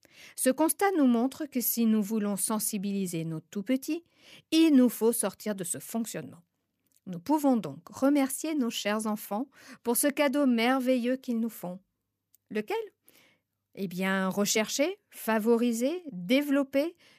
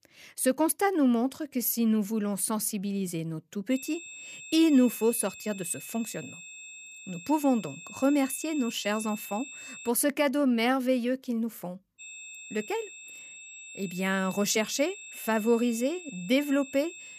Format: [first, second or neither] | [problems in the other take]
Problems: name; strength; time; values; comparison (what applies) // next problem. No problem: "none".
first | high-pitched whine; noticeable; from 3.5 to 10 s and from 12 s on; 2.5 kHz, 15 dB below the speech